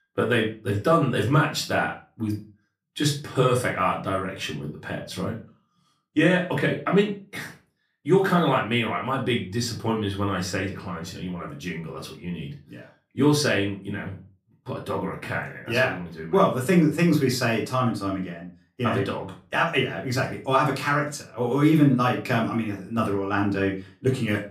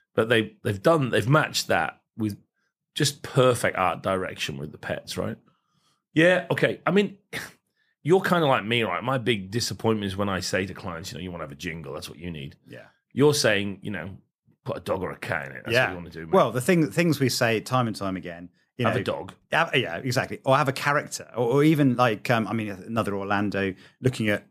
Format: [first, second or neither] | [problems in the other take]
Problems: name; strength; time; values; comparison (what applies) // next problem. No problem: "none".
second | off-mic speech; far // room echo; slight; dies away in 0.3 s